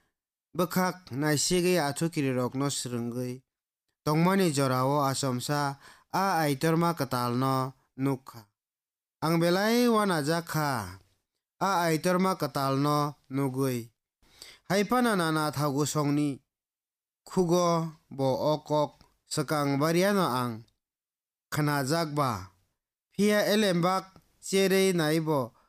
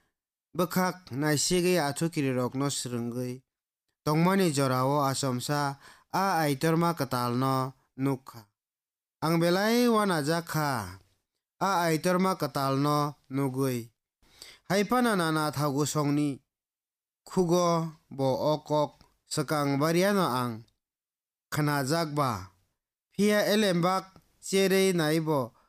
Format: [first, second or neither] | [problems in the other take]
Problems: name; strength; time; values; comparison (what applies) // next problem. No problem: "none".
neither | none